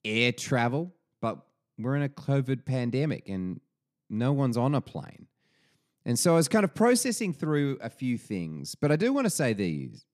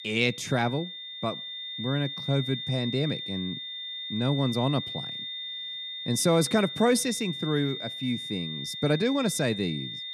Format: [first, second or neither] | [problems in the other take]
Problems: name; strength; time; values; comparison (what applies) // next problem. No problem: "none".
first | high-pitched whine; loud; throughout; 3.5 kHz, 6 dB below the speech